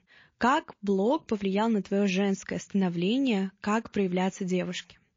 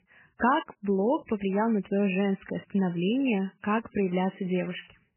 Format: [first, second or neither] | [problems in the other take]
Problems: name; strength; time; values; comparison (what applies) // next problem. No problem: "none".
first | garbled, watery; badly; nothing above 3 kHz; slightly in the first